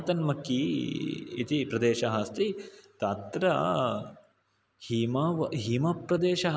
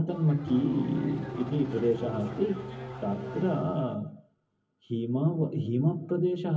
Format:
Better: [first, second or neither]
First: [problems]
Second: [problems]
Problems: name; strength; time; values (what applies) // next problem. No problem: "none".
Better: first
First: none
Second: background sound (Race car, auto racing / Engine starting); 10 dB below the speech // room echo; dies away in 0.3 s